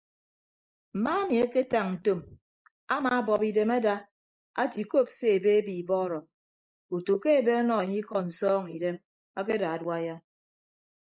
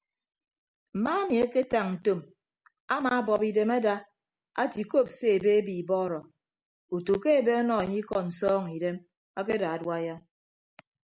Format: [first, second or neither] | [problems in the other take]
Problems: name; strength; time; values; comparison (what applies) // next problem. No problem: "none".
second | noise reduction (neural mask model Resemble Enhance denoiser)